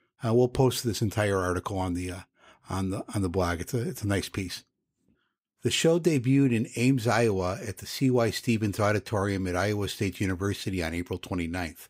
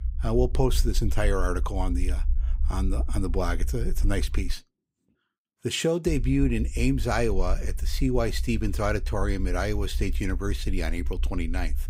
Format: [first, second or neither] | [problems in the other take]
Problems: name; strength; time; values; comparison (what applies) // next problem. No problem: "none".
first | low rumble; faint; until 4.5 s and from 6 s on; 20 dB below the speech